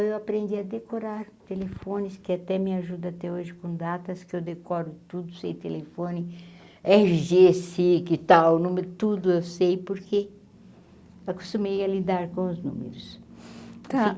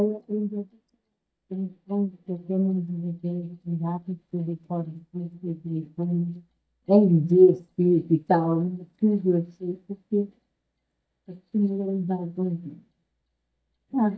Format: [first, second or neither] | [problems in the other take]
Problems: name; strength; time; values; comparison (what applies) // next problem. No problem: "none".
first | noise reduction (neural mask model DeepFilterNet 3)